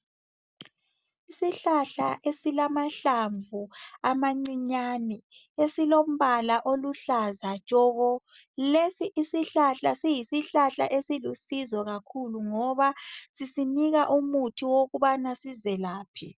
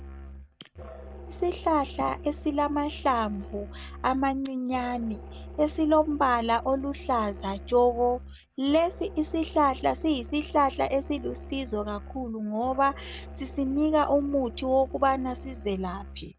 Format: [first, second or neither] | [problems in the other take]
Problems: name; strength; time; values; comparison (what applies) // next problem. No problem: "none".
first | background sound (Musical instrument); 14 dB below the speech